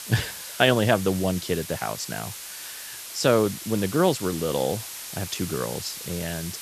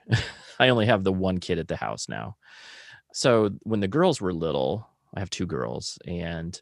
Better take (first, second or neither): second